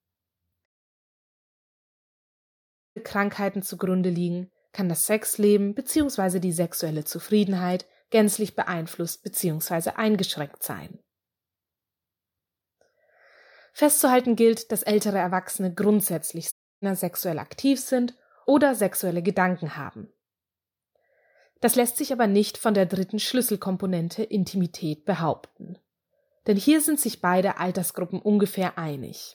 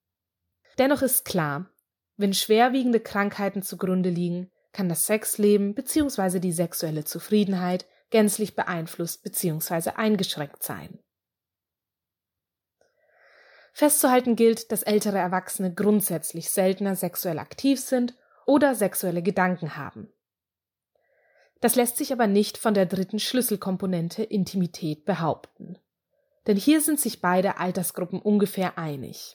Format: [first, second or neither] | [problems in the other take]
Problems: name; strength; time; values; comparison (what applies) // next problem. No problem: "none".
second | audio cutting out; at 0.5 s for 2.5 s and at 17 s